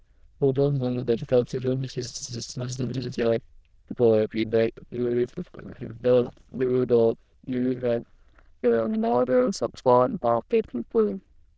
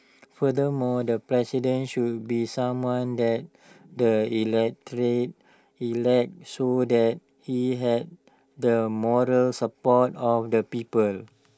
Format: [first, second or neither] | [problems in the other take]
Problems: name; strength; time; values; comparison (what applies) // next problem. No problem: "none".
second | noise reduction (neural diffusion model UNIVERSE++)